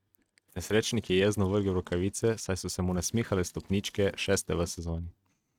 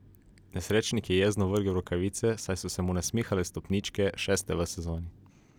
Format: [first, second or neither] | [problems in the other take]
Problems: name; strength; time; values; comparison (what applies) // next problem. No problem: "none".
second | noise reduction (neural mask model RNNoise)